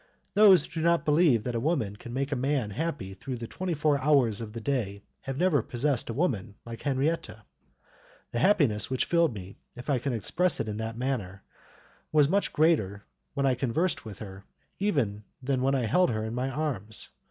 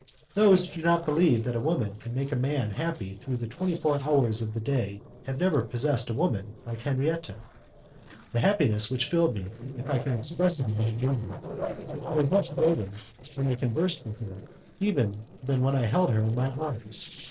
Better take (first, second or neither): first